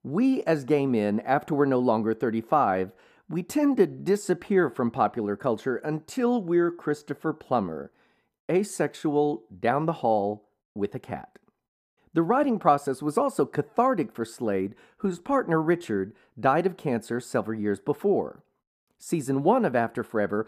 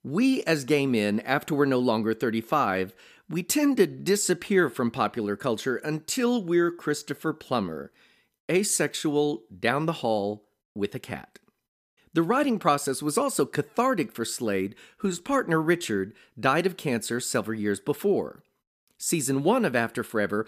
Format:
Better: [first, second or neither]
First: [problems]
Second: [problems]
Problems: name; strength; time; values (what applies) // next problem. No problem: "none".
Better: second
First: muffled; slightly; fading above 2 kHz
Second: none